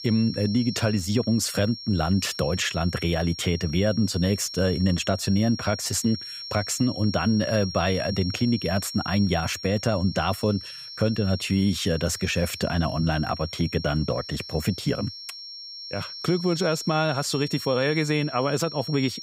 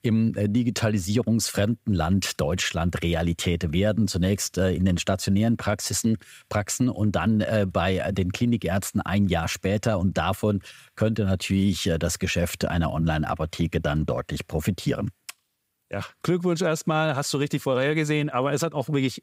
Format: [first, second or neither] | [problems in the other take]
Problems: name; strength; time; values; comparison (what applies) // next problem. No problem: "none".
second | high-pitched whine; noticeable; throughout; 5.5 kHz, 10 dB below the speech